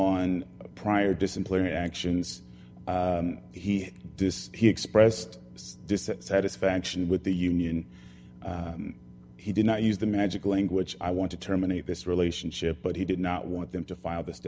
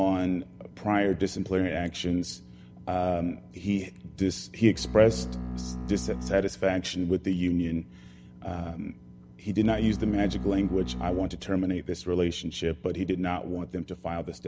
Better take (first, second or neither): first